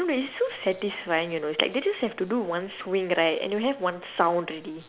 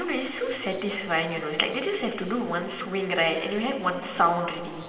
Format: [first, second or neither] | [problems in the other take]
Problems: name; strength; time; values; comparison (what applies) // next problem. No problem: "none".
first | room echo; dies away in 2.9 s